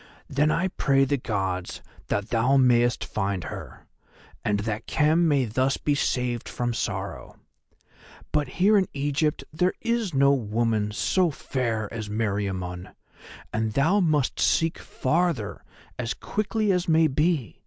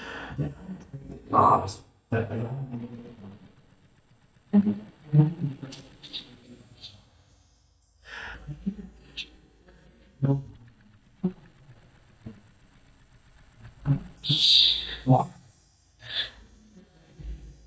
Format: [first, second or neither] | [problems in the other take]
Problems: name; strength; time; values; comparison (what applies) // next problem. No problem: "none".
first | noise reduction (neural mask model DeepFilterNet 3)